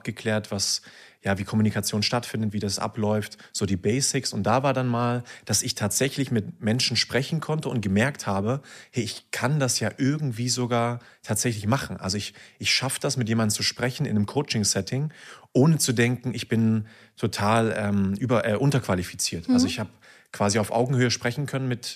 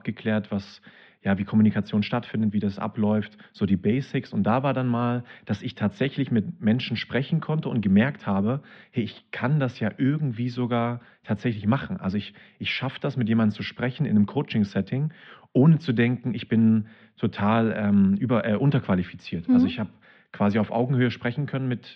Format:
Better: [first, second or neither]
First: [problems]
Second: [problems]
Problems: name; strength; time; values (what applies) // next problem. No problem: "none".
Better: first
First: none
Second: muffled; very; fading above 3.5 kHz